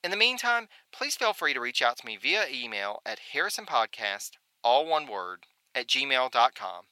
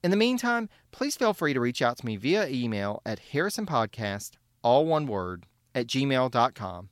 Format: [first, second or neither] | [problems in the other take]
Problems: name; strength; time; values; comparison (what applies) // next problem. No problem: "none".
second | thin; very; fading below 700 Hz